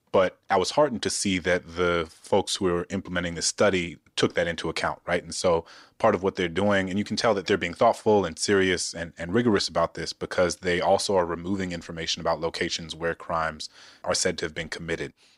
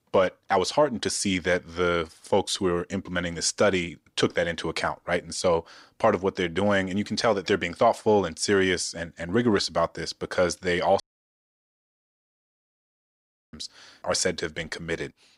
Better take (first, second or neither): first